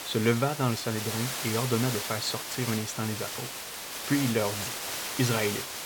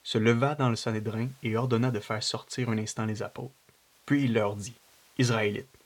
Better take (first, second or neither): second